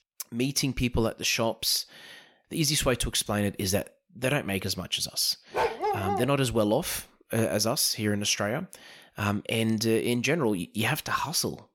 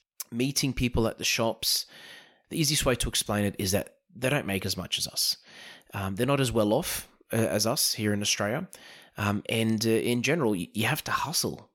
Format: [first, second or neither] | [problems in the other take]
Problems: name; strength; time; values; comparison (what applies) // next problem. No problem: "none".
second | dog barking; noticeable; at 5.5 s; peak level with the speech